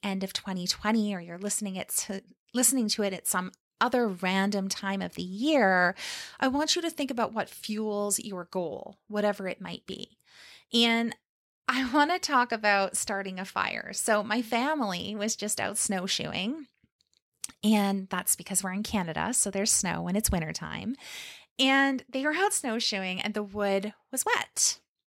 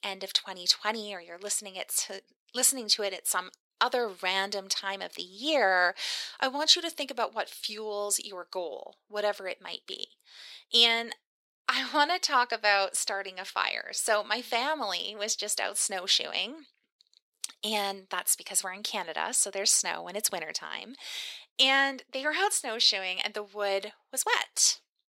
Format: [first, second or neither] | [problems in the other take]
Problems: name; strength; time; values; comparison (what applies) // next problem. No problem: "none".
first | thin; somewhat; fading below 400 Hz